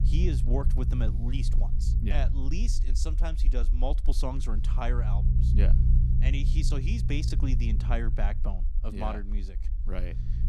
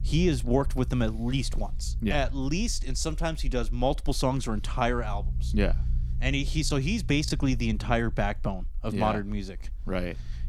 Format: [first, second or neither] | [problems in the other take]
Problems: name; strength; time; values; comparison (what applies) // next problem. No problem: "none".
second | low rumble; loud; throughout; 7 dB below the speech; faint in the second